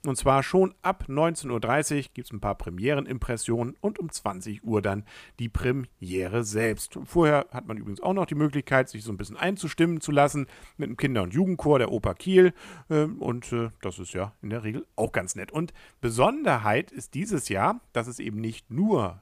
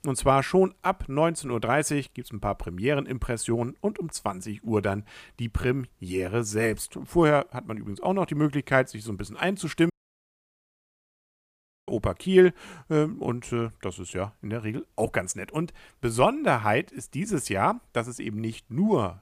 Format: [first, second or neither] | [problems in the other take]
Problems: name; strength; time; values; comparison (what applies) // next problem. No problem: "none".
first | audio cutting out; at 10 s for 2 s